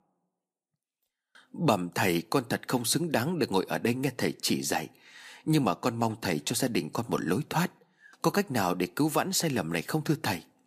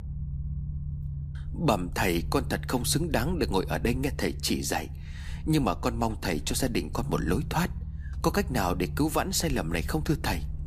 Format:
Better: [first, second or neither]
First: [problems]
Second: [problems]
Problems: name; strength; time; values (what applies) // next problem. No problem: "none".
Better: first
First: none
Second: low rumble; faint; throughout; 20 dB below the speech